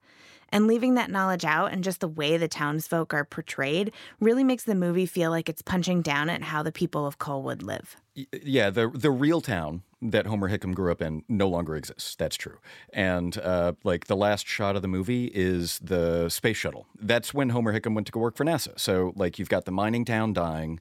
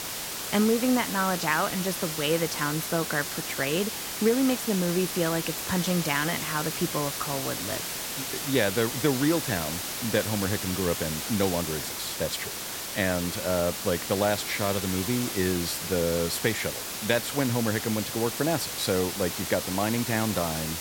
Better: first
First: none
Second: hiss; loud; throughout; 3 dB below the speech

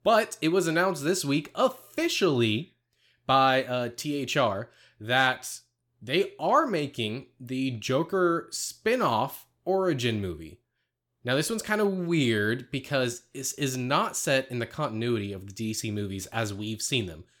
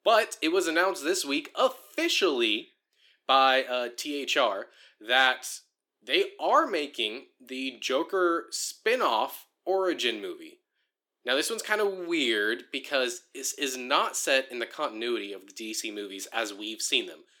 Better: first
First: none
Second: thin; somewhat; fading below 300 Hz

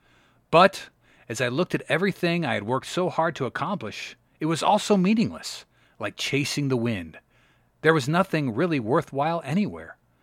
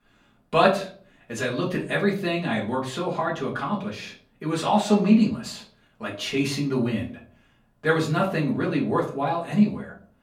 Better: first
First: none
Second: off-mic speech; far // room echo; slight; dies away in 0.4 s

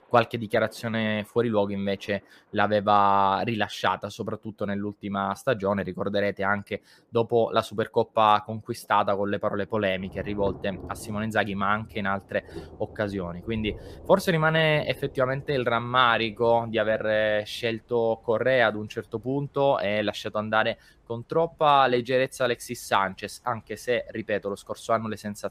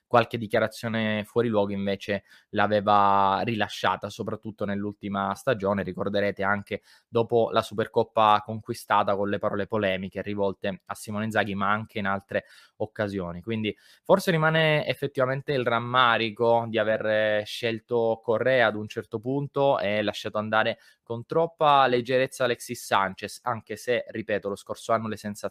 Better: second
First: rain or running water; faint; throughout; 20 dB below the speech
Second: none

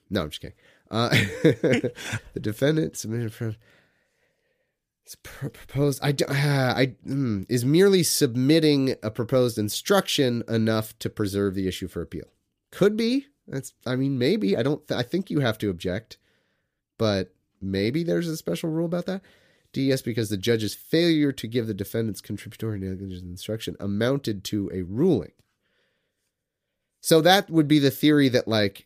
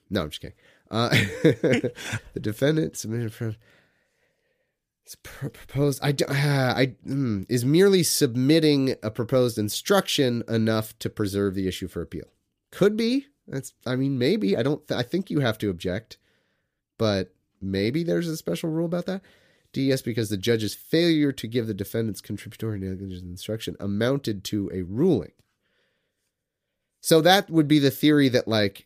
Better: neither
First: none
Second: none

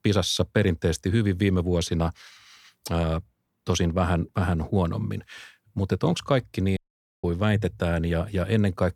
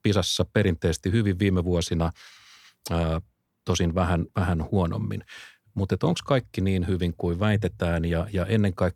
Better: second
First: audio cutting out; at 7 s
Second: none

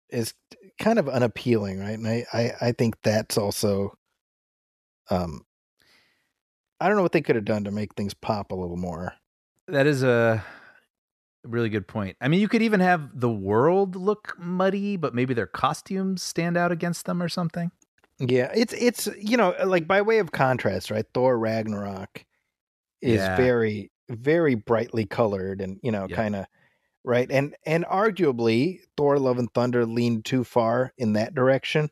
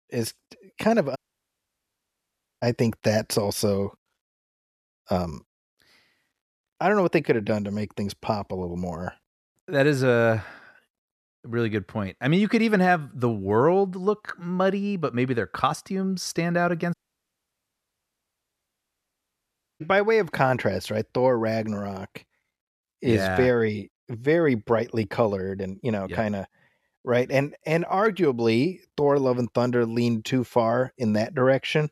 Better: first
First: none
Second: audio cutting out; at 1 s for 1.5 s and at 17 s for 3 s

